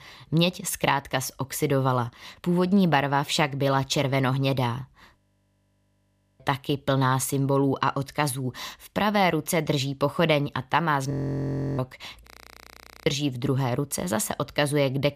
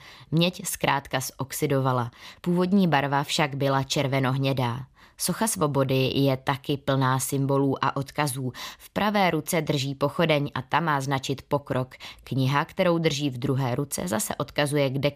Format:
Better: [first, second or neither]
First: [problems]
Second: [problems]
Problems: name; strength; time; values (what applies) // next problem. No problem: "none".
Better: second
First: audio freezing; at 5 s for 1 s, at 11 s for 0.5 s and at 12 s for 1 s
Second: none